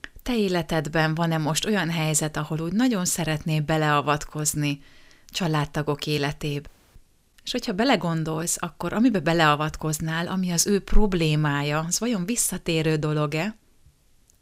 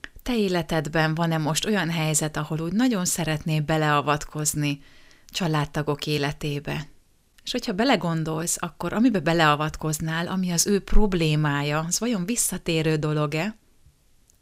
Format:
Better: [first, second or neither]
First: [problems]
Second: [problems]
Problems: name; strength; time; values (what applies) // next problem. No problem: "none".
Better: second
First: audio cutting out; at 6.5 s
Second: none